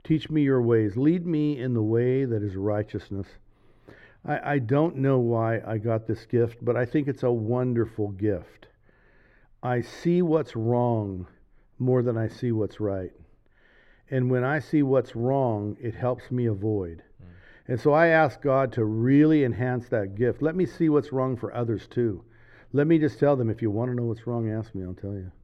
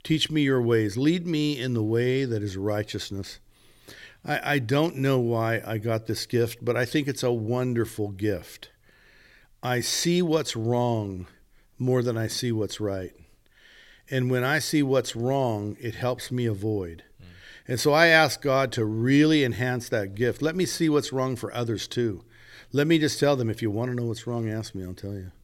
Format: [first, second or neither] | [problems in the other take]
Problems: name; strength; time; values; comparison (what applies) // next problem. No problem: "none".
second | muffled; very; fading above 2.5 kHz